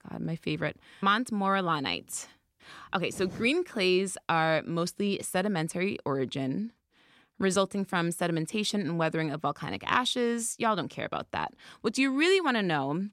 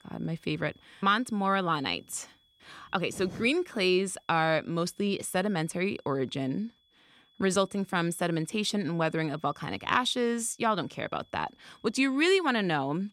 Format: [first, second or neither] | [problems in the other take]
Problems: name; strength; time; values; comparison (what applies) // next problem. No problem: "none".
first | high-pitched whine; faint; throughout; 3.5 kHz, 35 dB below the speech